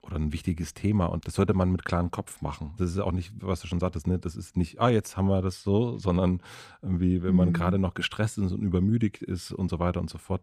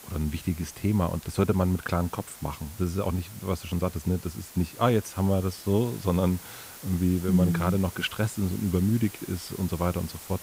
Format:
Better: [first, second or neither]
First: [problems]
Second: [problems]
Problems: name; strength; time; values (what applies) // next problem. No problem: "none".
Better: first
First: none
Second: hiss; noticeable; throughout; 15 dB below the speech